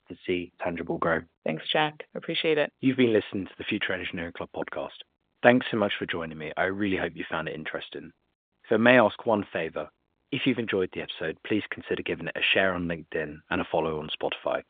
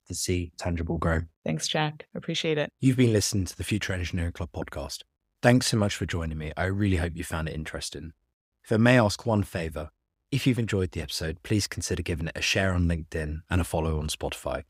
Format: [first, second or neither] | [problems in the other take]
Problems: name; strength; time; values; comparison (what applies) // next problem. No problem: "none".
second | phone-call audio